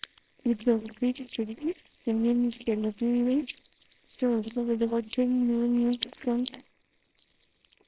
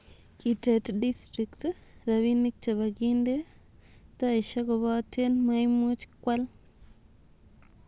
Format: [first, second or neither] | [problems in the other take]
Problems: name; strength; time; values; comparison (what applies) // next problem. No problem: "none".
second | noise reduction (neural separator model SepFormer WHAMR!)